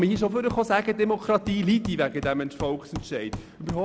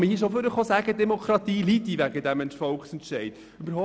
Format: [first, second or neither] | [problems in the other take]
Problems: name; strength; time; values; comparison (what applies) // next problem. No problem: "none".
second | background sound (Hammer); 14 dB below the speech